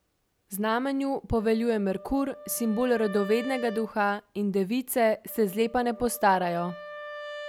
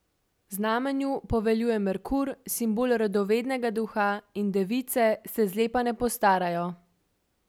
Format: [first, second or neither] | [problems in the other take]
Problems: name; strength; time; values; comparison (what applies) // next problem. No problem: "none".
second | background sound (Wind instrument, woodwind instrument); 16 dB below the speech